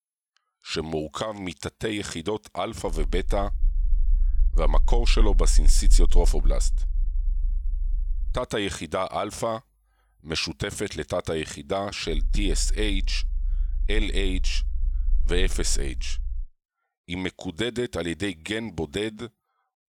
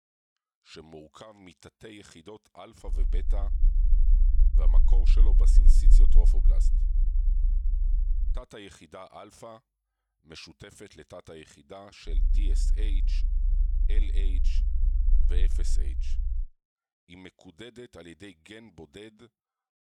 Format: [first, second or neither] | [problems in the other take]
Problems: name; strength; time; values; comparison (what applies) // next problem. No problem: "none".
first | low rumble; loud; from 3 to 8.5 s and from 12 to 16 s; 6 dB below the speech; faint in the first